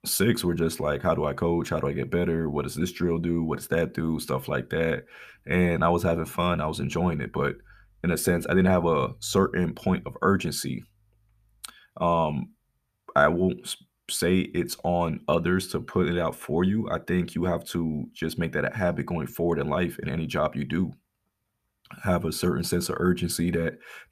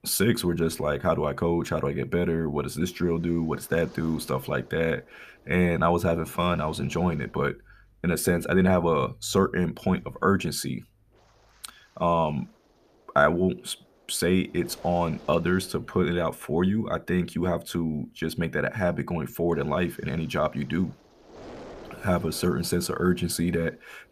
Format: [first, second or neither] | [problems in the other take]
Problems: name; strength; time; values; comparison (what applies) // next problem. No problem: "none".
first | wind noise on the microphone; occasional gusts; 25 dB below the speech